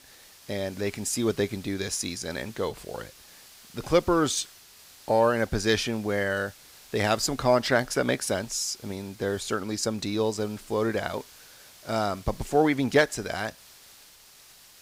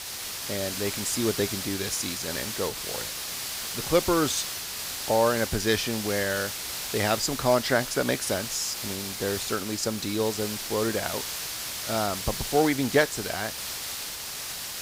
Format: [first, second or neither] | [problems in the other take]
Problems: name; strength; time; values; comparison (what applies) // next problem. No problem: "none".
first | hiss; loud; throughout; 4 dB below the speech; faint in the first